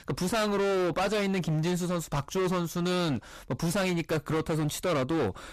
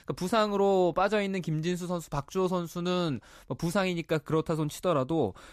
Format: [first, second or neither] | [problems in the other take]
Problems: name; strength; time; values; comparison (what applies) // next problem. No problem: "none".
second | distortion; heavy; 27% of the sound clipped